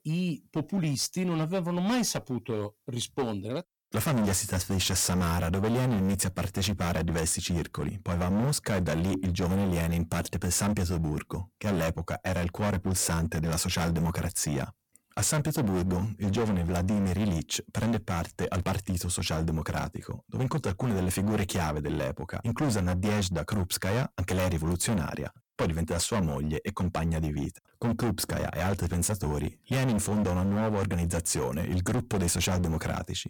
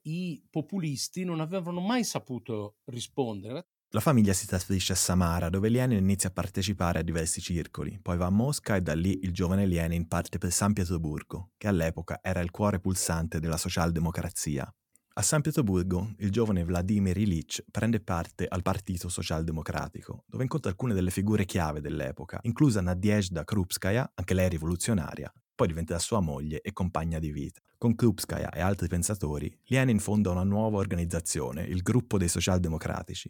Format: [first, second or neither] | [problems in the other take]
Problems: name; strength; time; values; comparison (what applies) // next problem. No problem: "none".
second | distortion; heavy; 20% of the sound clipped